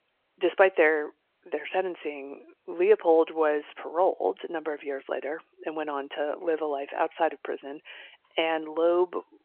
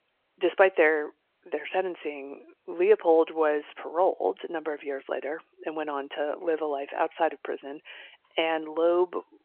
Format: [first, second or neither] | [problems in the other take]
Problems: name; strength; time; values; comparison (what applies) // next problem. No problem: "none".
neither | phone-call audio; the same in both